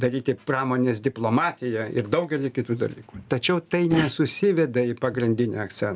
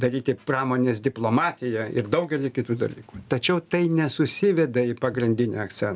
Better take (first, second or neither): second